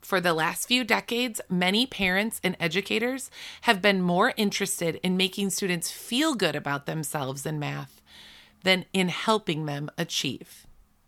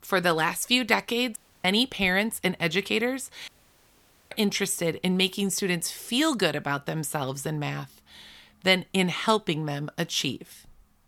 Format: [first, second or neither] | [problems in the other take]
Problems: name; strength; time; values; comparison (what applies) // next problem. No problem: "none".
first | audio cutting out; at 1.5 s and at 3.5 s for 1 s